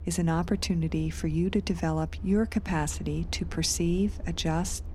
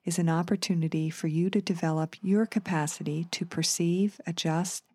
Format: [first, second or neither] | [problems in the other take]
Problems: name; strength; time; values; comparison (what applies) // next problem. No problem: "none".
second | low rumble; faint; throughout; 20 dB below the speech